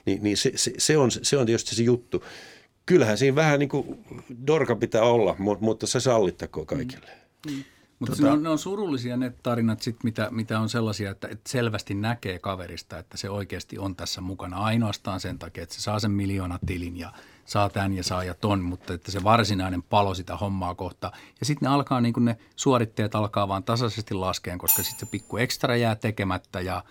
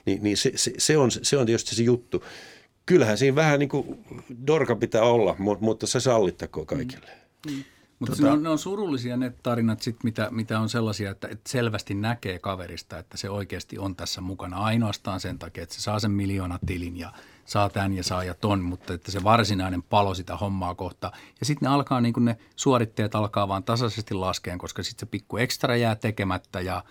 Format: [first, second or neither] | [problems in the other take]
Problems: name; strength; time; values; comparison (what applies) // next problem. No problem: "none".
second | clattering dishes; loud; at 25 s; peak 4 dB above the speech